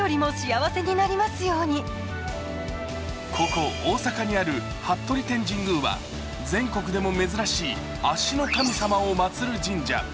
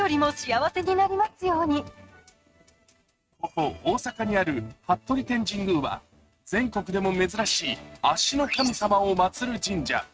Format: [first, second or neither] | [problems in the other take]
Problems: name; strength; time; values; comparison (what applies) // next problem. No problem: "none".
first | noise reduction (neural mask model RNNoise)